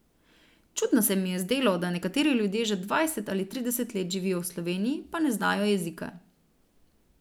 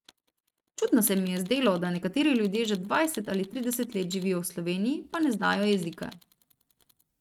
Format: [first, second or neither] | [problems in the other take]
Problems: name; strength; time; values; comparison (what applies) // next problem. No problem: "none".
first | noise reduction (neural mask model RNNoise)